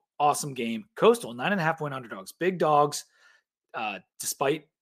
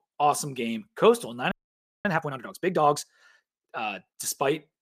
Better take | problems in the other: first | audio freezing; at 1.5 s for 0.5 s

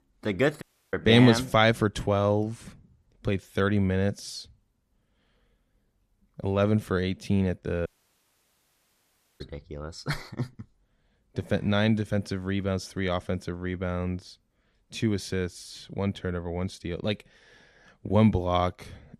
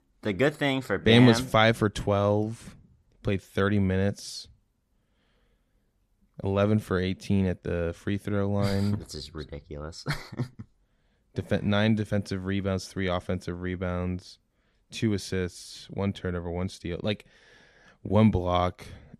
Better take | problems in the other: second | audio cutting out; at 0.5 s and at 8 s for 1.5 s

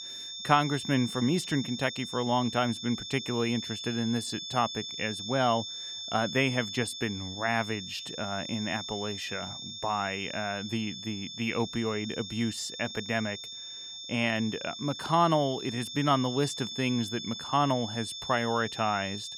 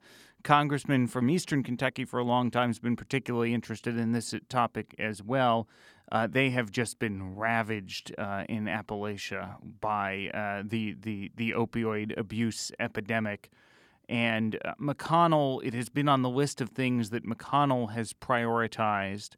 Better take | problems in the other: second | high-pitched whine; loud; throughout; 3.5 kHz, 7 dB below the speech

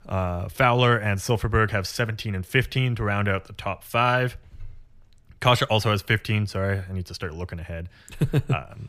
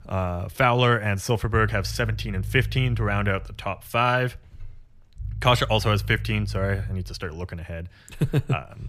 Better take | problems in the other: first | low rumble; faint; throughout; 25 dB below the speech

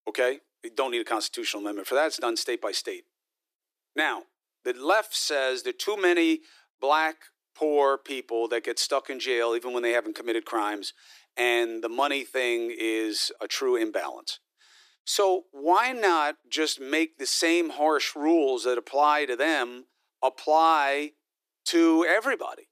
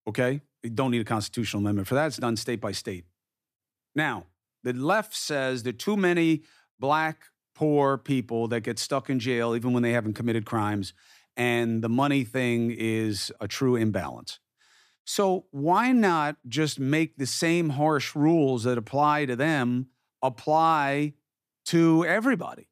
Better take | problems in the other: second | thin; very; fading below 350 Hz

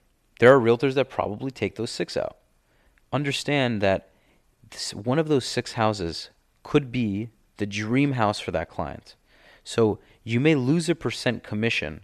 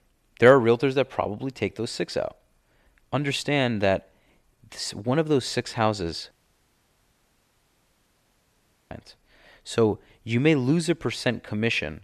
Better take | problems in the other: first | audio cutting out; at 6.5 s for 2.5 s

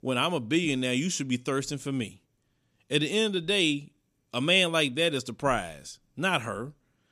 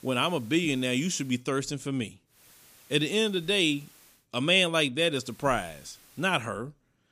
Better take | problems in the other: first | hiss; faint; until 1.5 s, from 2.5 to 4 s and from 5 to 6.5 s; 25 dB below the speech

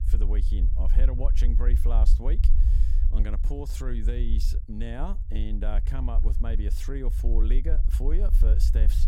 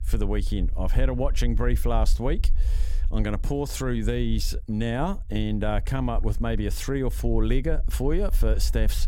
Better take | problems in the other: second | low rumble; loud; throughout; 8 dB below the speech; faint in the second

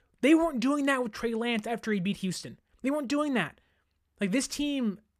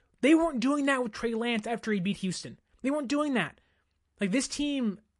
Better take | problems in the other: first | garbled, watery; slightly; nothing above 9.5 kHz

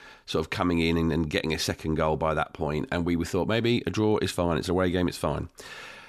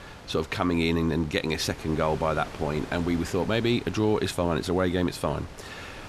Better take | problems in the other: first | wind noise on the microphone; occasional gusts; 15 dB below the speech

